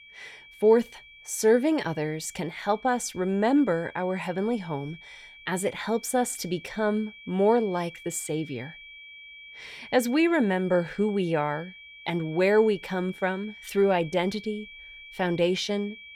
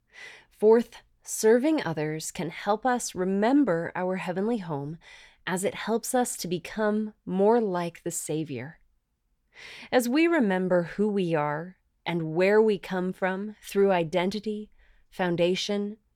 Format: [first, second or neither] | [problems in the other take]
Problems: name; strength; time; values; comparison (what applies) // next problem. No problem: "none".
second | high-pitched whine; noticeable; throughout; 2.5 kHz, 20 dB below the speech